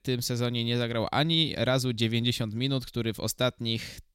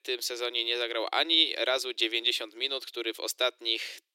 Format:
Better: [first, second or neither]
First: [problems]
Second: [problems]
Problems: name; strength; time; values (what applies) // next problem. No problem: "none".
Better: first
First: none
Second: thin; very; fading below 350 Hz